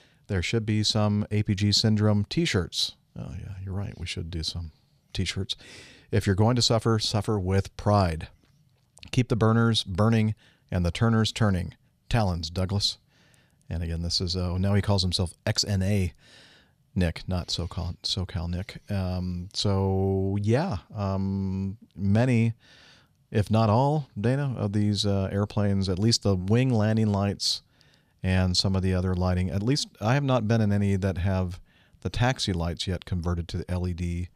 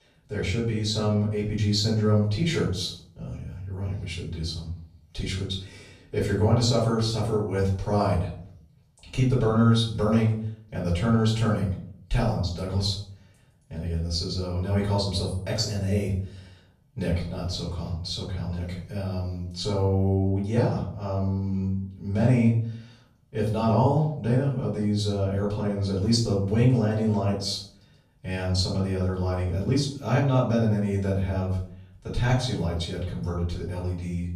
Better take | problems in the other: first | off-mic speech; far // room echo; noticeable; dies away in 0.5 s

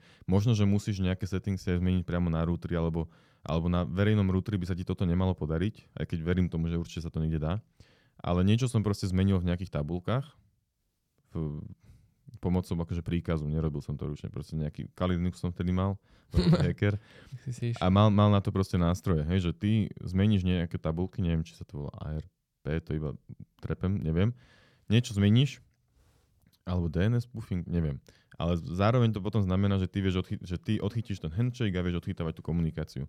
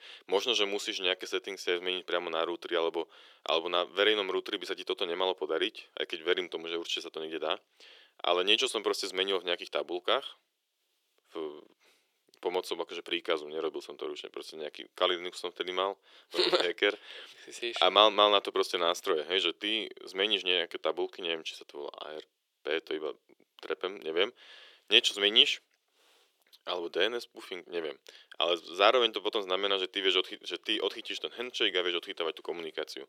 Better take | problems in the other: first | thin; very; fading below 350 Hz

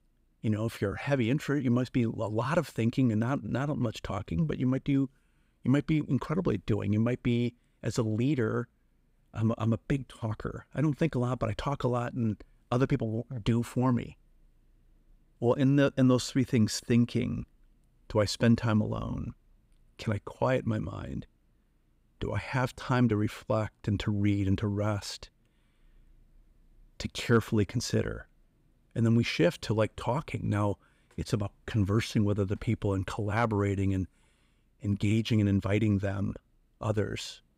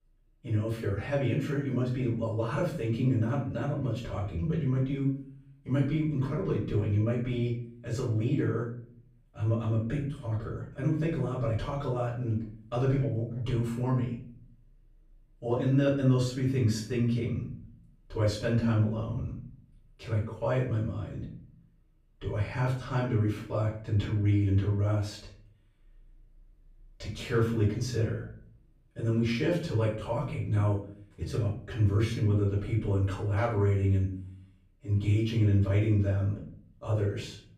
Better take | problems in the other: first | off-mic speech; far // room echo; noticeable; dies away in 0.5 s

